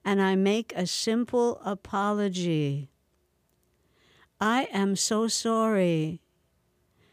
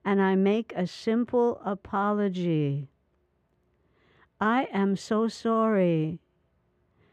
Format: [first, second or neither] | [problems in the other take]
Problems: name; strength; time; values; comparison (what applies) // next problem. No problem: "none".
first | muffled; very; fading above 4 kHz